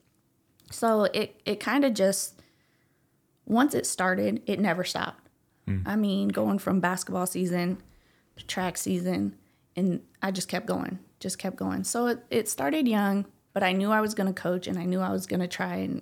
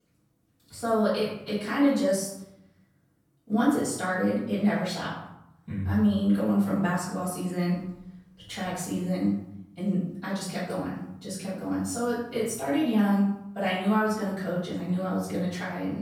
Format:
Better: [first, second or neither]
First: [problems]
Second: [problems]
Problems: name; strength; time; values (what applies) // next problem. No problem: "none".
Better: first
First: none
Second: off-mic speech; far // room echo; noticeable; dies away in 0.8 s